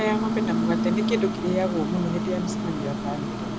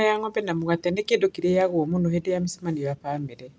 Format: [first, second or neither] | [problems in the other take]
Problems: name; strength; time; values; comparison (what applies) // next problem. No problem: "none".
second | background sound (Microwave oven); 2 dB above the speech